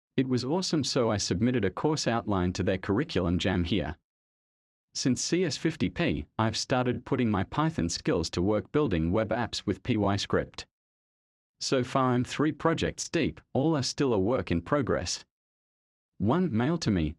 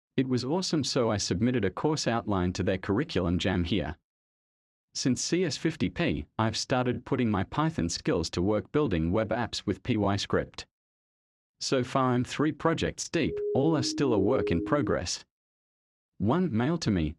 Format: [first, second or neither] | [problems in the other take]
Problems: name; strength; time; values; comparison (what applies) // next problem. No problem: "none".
first | siren; noticeable; from 13 to 15 s; peak 2 dB below the speech